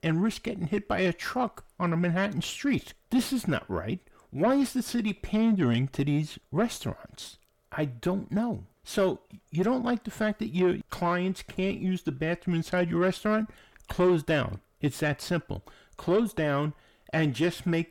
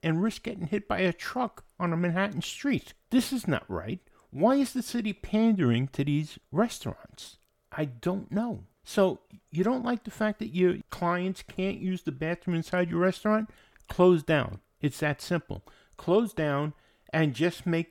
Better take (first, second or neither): second